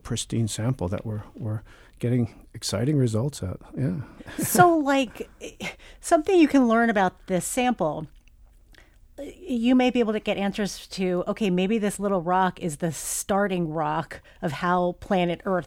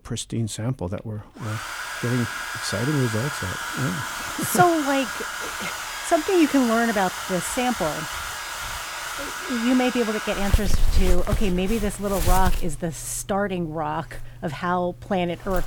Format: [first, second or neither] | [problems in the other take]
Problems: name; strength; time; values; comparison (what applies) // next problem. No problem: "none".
first | household noises; loud; throughout; 4 dB below the speech